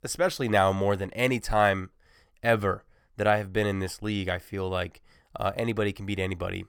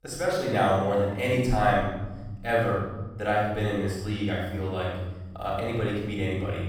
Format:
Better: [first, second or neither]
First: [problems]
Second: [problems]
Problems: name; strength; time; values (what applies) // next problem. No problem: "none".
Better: first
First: none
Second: off-mic speech; far // room echo; strong; dies away in 1.8 s